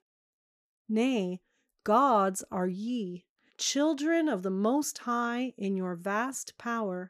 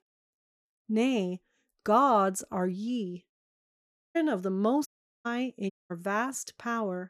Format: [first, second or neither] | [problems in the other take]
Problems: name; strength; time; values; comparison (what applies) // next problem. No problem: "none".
first | audio cutting out; at 3.5 s for 1 s, at 5 s and at 5.5 s